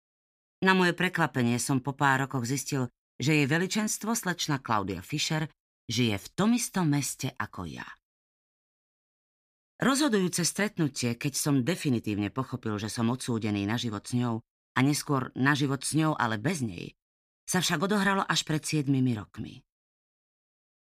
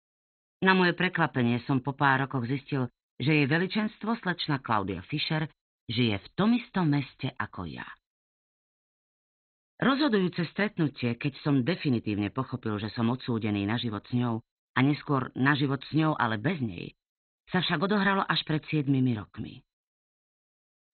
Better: first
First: none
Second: garbled, watery; badly; nothing above 4 kHz

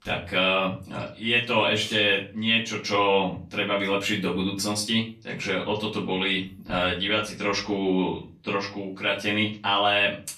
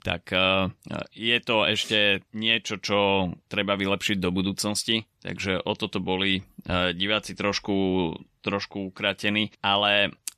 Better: second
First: off-mic speech; far // room echo; slight; dies away in 0.3 s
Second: none

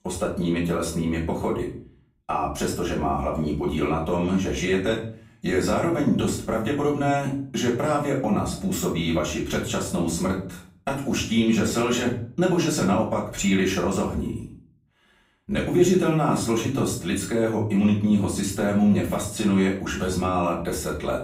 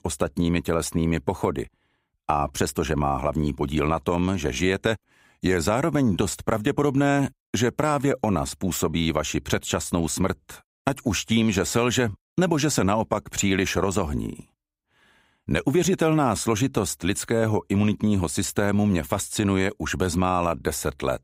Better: second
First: room echo; slight; dies away in 0.4 s // off-mic speech; far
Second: none

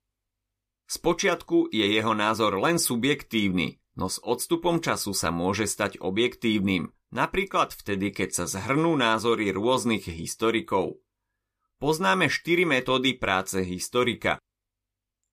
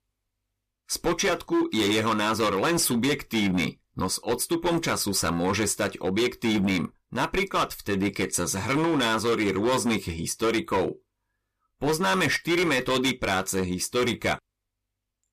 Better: first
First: none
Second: distortion; heavy; 12% of the sound clipped

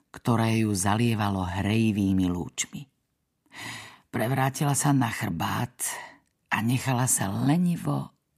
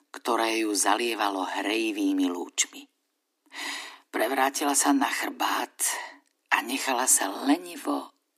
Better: first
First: none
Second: thin; somewhat; fading below 300 Hz

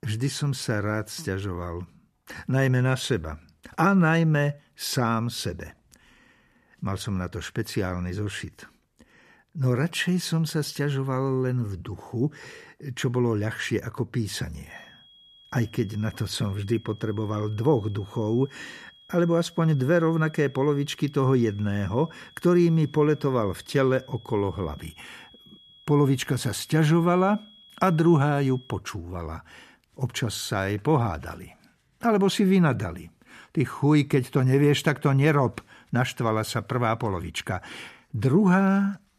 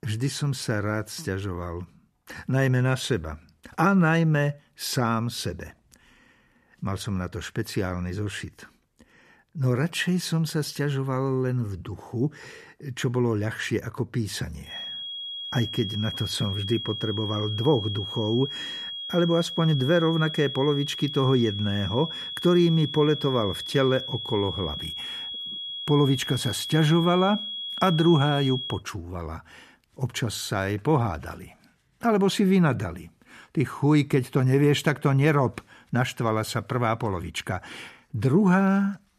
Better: first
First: high-pitched whine; faint; from 15 to 29 s; 3.5 kHz, 25 dB below the speech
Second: high-pitched whine; loud; from 15 to 29 s; 3.5 kHz, 7 dB below the speech

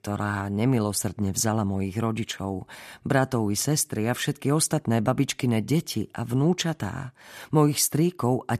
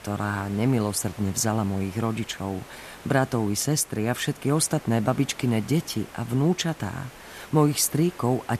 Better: first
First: none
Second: hiss; noticeable; throughout; 20 dB below the speech

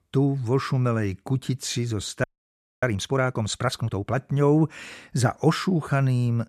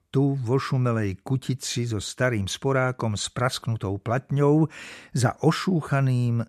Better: second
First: audio freezing; at 2 s for 0.5 s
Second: none

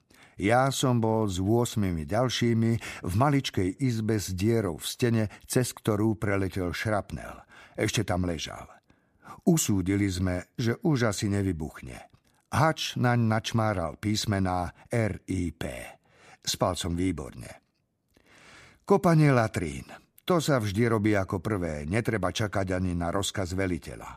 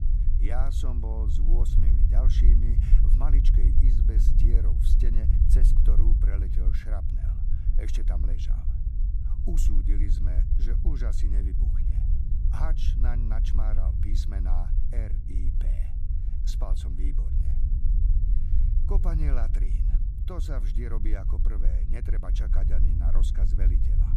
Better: first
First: none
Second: low rumble; loud; throughout; 3 dB below the speech

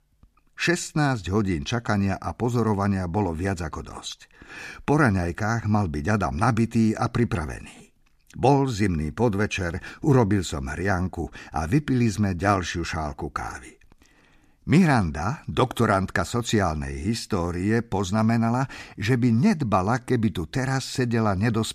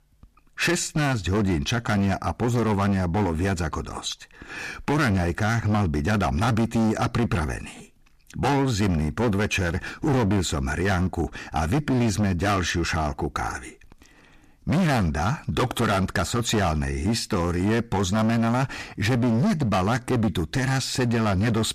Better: first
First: none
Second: distortion; heavy; 19% of the sound clipped

